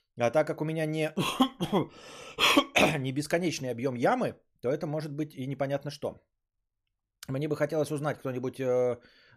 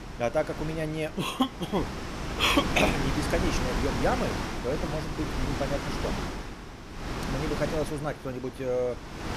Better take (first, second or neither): first